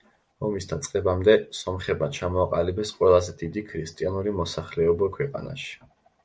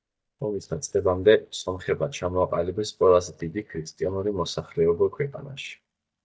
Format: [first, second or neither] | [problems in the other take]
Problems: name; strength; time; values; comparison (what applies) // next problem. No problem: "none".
first | noise reduction (neural mask model DeepFilterNet 3)